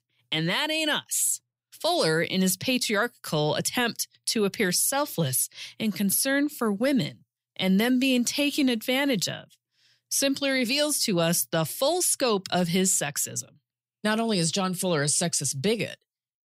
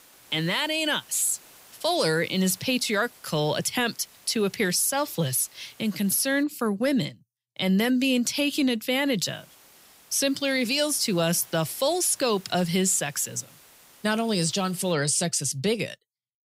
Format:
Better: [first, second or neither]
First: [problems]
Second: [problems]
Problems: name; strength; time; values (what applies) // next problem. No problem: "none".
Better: first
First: none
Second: hiss; faint; until 6.5 s and from 9 to 15 s; 25 dB below the speech